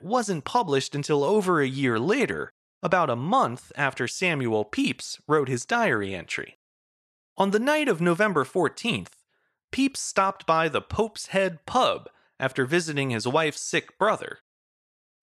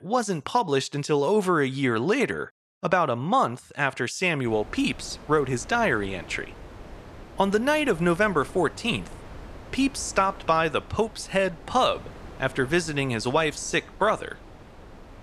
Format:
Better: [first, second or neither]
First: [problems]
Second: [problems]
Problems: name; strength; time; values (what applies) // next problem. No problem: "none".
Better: first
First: none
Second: wind noise on the microphone; occasional gusts; from 4.5 s on; 20 dB below the speech